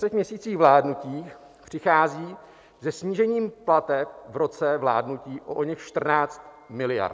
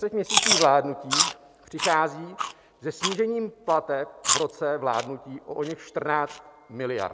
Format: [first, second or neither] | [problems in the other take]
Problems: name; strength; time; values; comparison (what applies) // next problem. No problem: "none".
first | background sound (Chewing, mastication); 3 dB below the speech